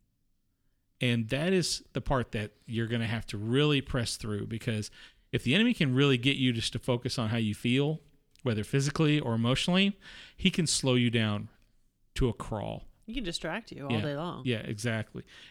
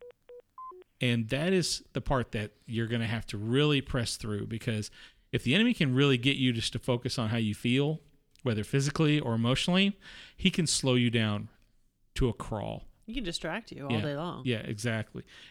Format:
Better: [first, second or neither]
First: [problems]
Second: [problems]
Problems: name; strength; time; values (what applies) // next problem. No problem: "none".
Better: first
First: none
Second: phone ringing; faint; at the start; peak 20 dB below the speech